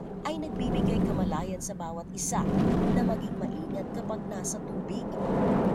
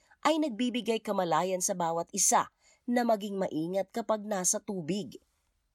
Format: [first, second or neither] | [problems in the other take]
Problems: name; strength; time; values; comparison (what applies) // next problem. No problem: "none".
second | wind noise on the microphone; heavy; 3 dB above the speech